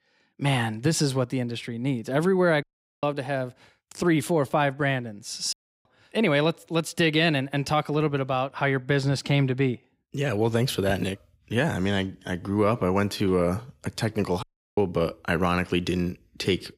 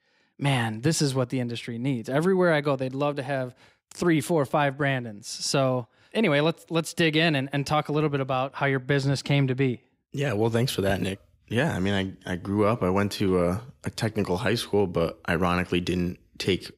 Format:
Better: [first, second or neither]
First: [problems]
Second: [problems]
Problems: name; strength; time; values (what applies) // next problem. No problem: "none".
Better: second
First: audio cutting out; at 2.5 s, at 5.5 s and at 14 s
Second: none